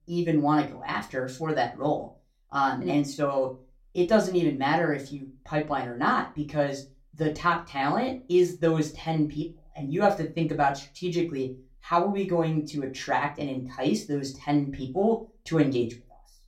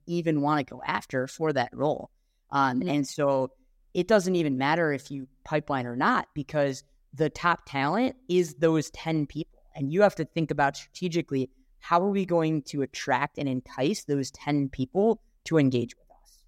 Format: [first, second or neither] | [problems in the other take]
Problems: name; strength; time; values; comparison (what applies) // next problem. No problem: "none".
second | off-mic speech; far // room echo; very slight; dies away in 0.2 s